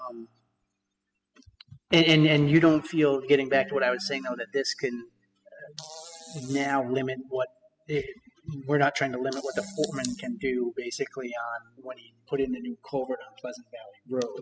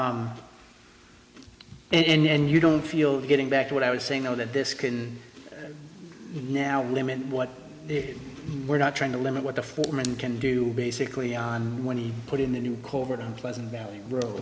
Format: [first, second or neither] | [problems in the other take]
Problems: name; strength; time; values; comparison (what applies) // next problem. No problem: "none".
second | noise reduction (classical method spectral subtraction)